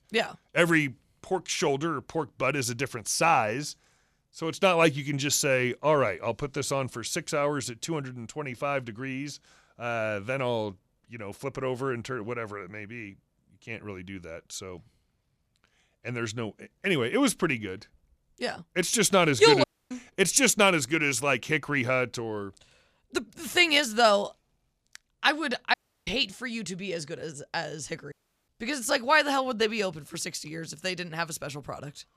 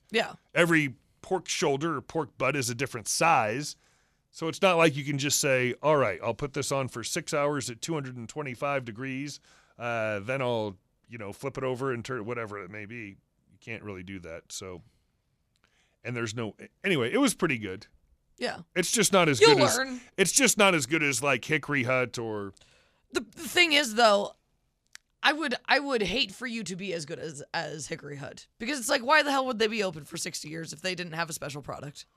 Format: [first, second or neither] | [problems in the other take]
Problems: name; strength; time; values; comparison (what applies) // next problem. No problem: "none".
second | audio cutting out; at 20 s, at 26 s and at 28 s